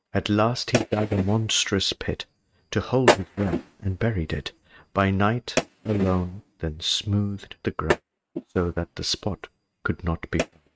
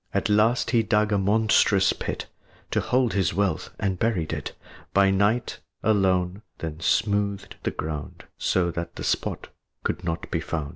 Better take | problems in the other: second | noise reduction (neural mask model RNNoise)

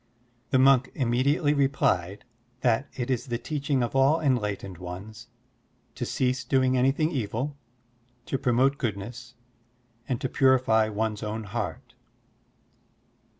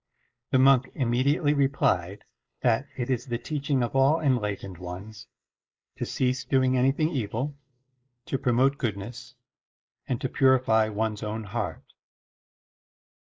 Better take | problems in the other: first | noise reduction (neural mask model Resemble Enhance denoiser)

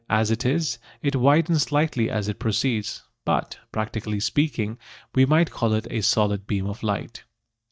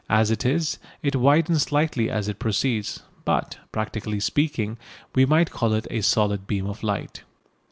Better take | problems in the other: second | noise reduction (neural mask model DeepFilterNet 3)

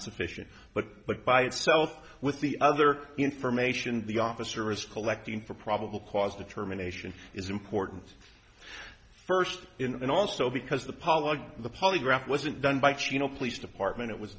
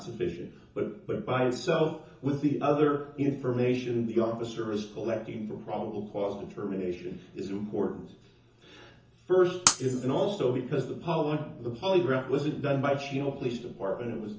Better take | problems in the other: first | background sound (Shatter); 2 dB below the speech // room echo; dies away in 0.6 s

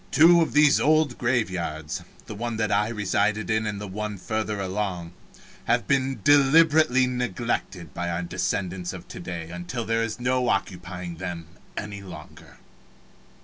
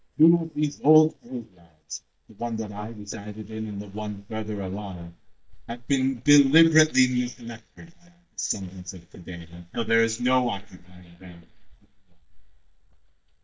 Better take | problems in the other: first | noise reduction (neural mask model DeepFilterNet 3)

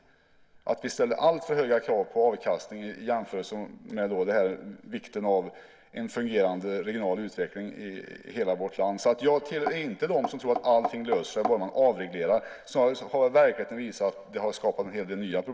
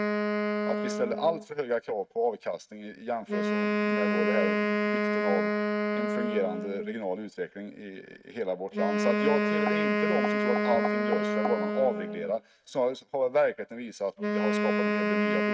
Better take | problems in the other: first | noise reduction (neural mask model RNNoise)

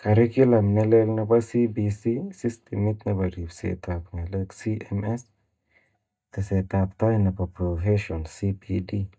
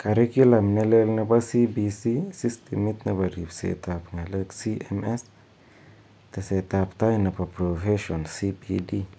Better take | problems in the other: second | noise reduction (neural mask model DeepFilterNet 3)

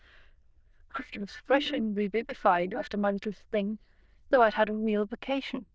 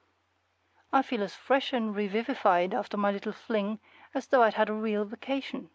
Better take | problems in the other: second | noise reduction (neural diffusion model UNIVERSE++)

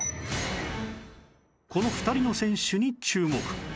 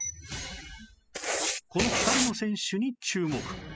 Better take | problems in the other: first | noise reduction (classical method spectral subtraction)

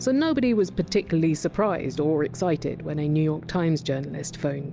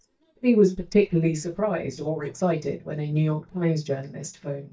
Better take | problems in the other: first | noise reduction (neural mask model DeepFilterNet 3)

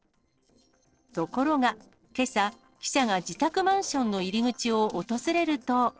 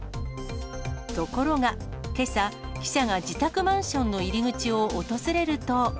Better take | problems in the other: second | noise reduction (neural separator model SepFormer DNS4)

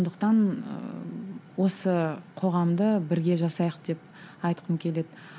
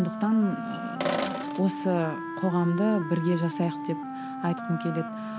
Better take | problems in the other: first | background sound (Sink (filling or washing) + Wind instrument, woodwind instrument); 6 dB below the speech

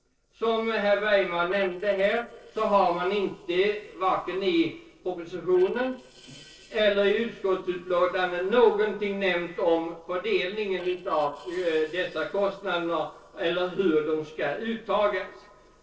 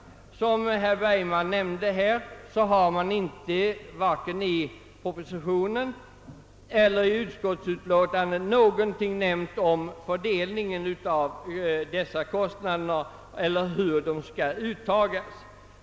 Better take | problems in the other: second | noise reduction (neural separator model SepFormer DNS4)

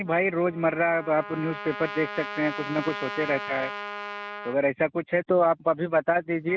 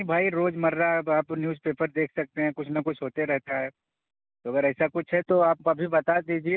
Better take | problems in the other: second | background sound (Trumpet); 11 dB below the speech

